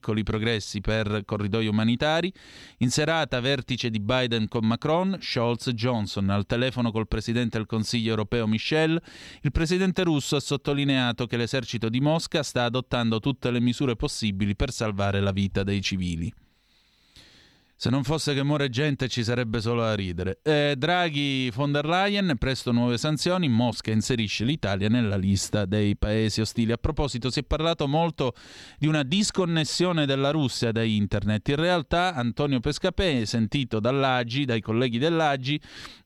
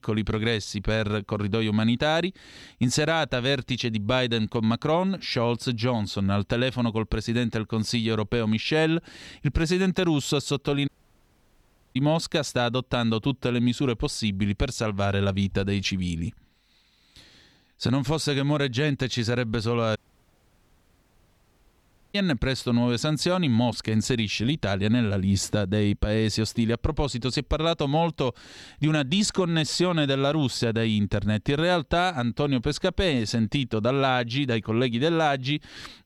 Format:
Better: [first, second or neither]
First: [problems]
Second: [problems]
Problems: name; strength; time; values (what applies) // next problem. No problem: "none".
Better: first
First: none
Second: audio cutting out; at 11 s for 1 s and at 20 s for 2 s